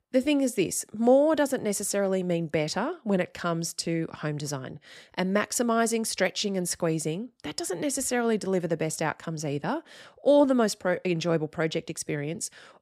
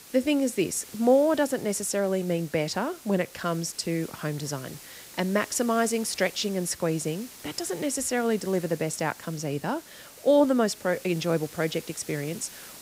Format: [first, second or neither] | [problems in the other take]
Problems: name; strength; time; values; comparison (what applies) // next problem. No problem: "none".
first | hiss; noticeable; throughout; 15 dB below the speech